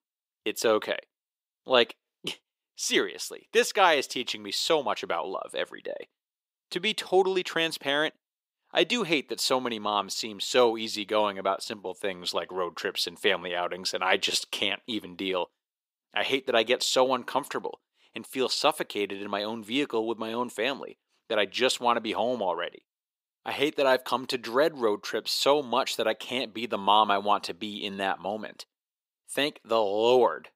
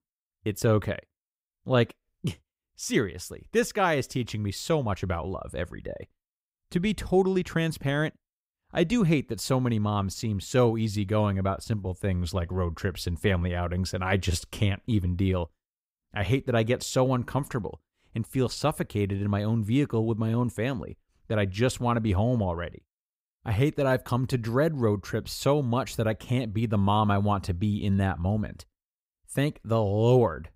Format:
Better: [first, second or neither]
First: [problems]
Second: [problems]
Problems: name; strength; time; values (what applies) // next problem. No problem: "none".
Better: second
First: thin; very; fading below 350 Hz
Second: none